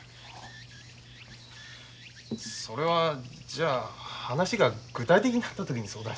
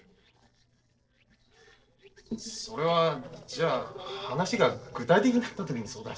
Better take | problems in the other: first | noise reduction (neural separator model SepFormer DNS4)

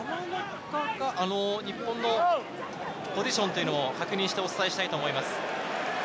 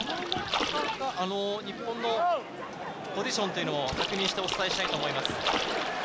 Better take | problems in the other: first | background sound (Splash, splatter); 4 dB below the speech

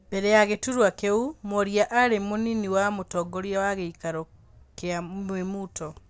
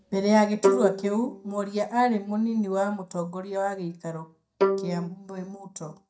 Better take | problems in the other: first | noise reduction (neural mask model DeepFilterNet 3)

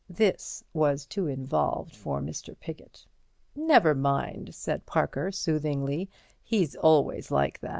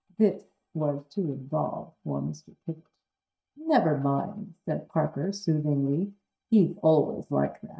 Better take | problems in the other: first | noise reduction (neural mask model DeepFilterNet 3)

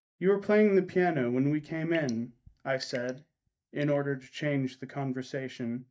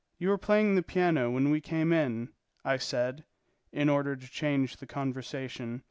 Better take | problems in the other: second | noise reduction (neural mask model DeepFilterNet 3)

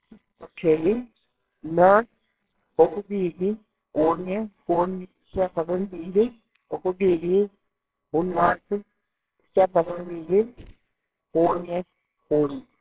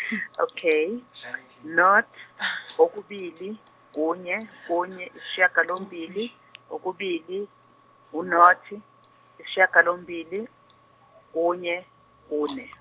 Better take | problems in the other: second | noise reduction (neural separator model SepFormer WHAMR!)

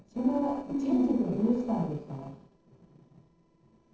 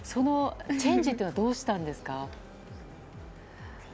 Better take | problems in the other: second | noise reduction (neural separator model SepFormer DNS4)

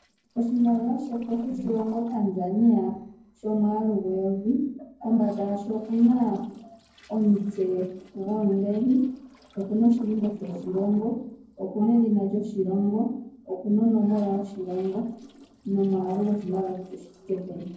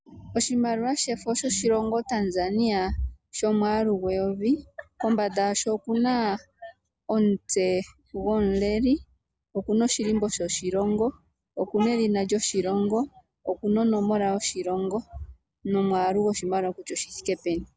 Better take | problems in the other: second | noise reduction (neural separator model SepFormer DNS4)

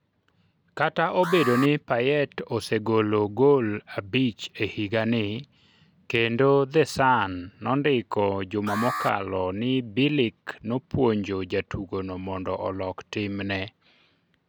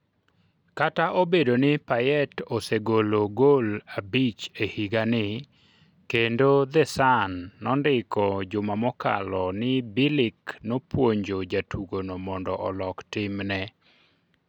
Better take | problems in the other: second | background sound (Alarm); 10 dB below the speech

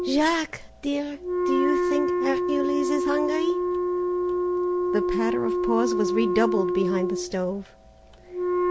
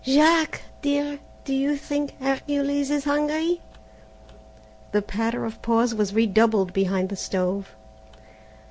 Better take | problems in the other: second | background sound (Wind instrument, woodwind instrument); 2 dB above the speech

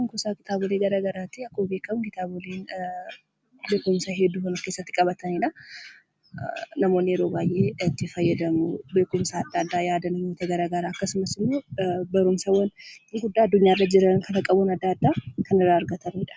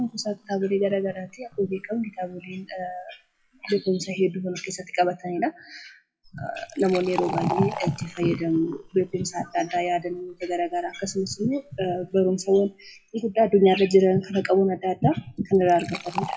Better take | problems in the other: first | noise reduction (classical method WPE with log-MMSE)

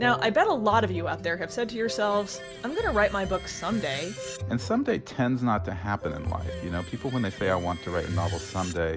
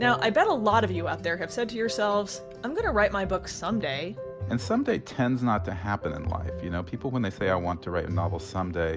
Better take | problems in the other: second | background sound (Screech); 19 dB below the speech

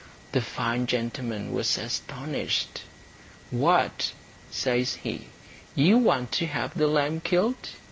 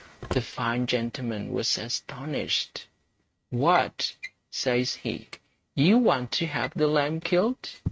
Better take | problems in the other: first | noise reduction (neural mask model RNNoise)

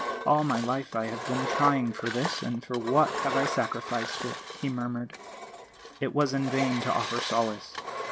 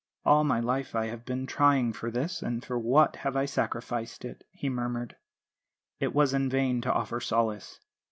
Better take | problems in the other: second | background sound (Engine); 6 dB below the speech

